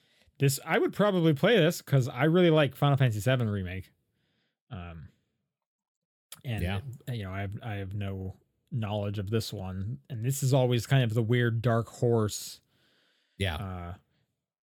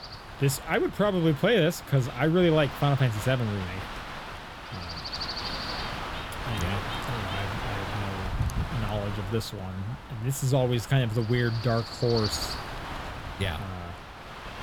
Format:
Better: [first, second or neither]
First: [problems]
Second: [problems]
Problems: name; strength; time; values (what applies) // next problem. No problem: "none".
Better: first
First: none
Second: wind noise on the microphone; heavy; 6 dB below the speech